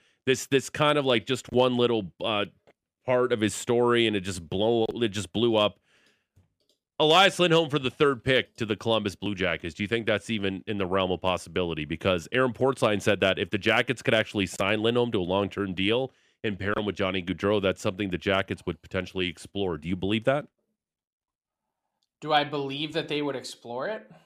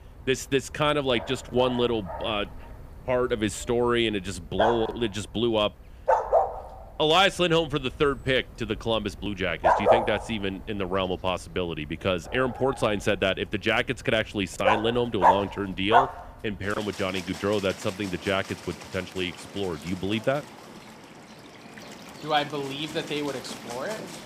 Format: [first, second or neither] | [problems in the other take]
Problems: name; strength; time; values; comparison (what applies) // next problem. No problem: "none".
first | animal sounds; loud; throughout; 2 dB below the speech